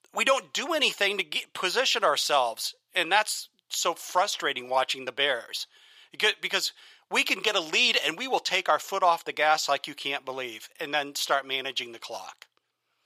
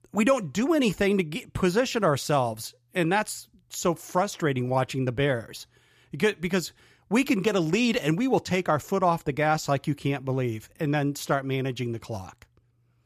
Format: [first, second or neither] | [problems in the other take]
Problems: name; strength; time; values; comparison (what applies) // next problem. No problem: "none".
second | thin; very; fading below 750 Hz